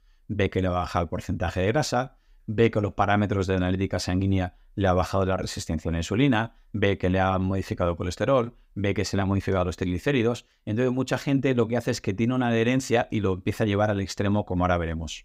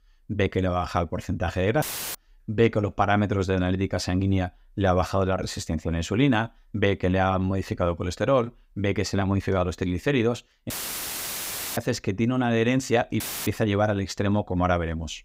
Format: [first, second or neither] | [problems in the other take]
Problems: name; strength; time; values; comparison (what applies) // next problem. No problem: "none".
first | audio cutting out; filled with static; at 2 s, at 11 s for 1 s and at 13 s